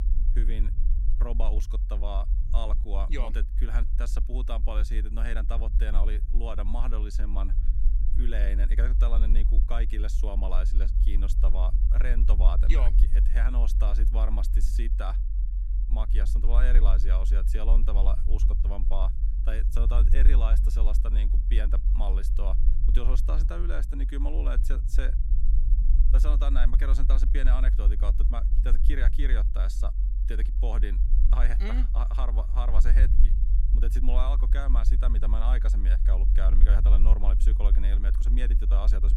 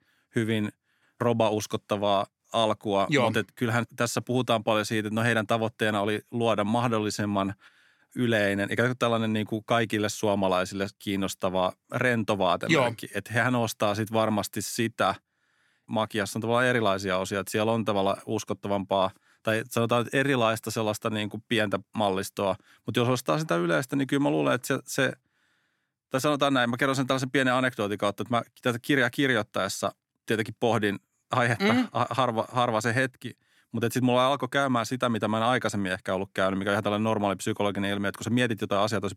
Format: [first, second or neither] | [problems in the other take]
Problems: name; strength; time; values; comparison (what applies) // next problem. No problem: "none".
second | low rumble; loud; throughout; 9 dB below the speech